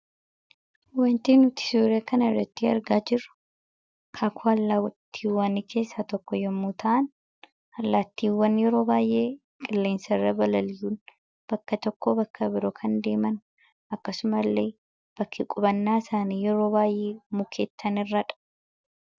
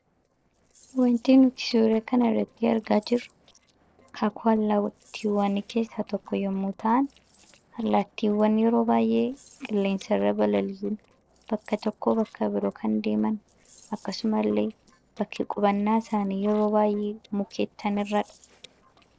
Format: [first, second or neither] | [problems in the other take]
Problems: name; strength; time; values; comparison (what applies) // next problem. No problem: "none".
first | noise reduction (neural separator model SepFormer DNS4)